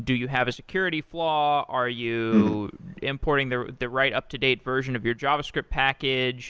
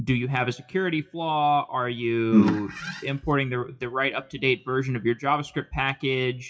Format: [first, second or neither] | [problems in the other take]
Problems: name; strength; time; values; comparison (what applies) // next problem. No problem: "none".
first | noise reduction (classical method WPE with log-MMSE)